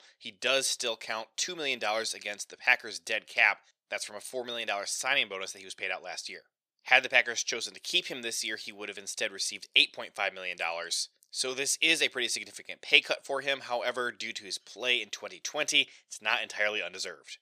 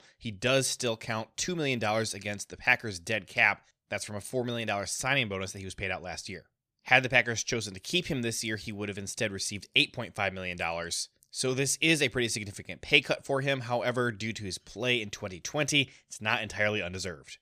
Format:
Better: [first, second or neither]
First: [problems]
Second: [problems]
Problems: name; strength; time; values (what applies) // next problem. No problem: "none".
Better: second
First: thin; somewhat; fading below 450 Hz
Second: none